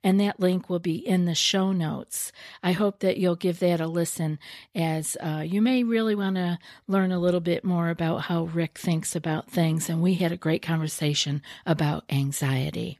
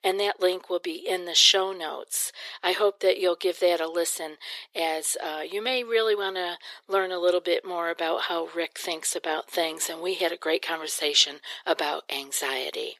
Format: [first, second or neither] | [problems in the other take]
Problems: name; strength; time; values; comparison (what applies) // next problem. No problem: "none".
first | thin; very; fading below 400 Hz